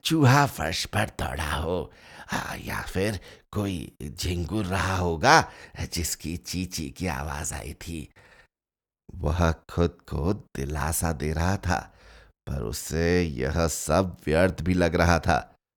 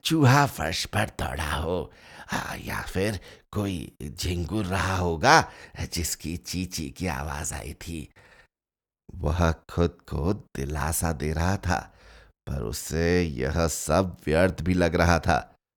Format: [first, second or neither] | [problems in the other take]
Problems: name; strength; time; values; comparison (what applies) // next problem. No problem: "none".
neither | none